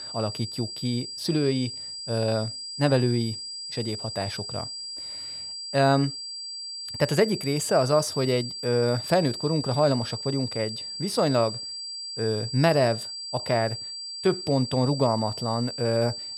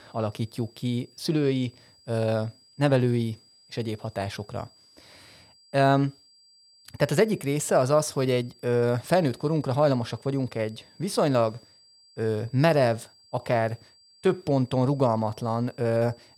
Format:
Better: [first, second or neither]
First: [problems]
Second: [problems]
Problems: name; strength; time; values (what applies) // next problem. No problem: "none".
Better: second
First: high-pitched whine; loud; throughout; 4.5 kHz, 7 dB below the speech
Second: high-pitched whine; faint; throughout; 4.5 kHz, 30 dB below the speech